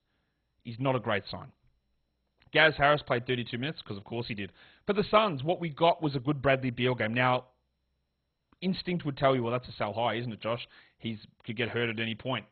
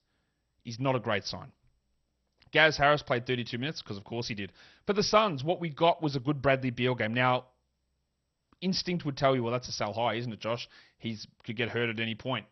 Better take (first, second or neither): second